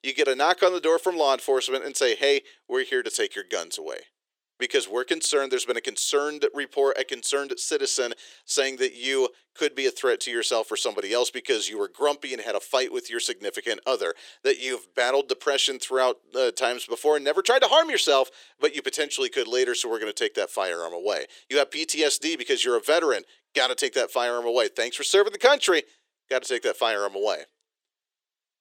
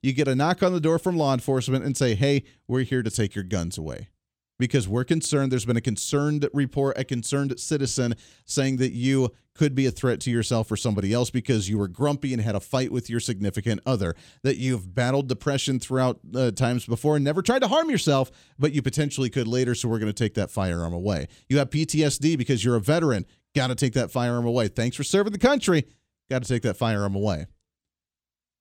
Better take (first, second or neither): second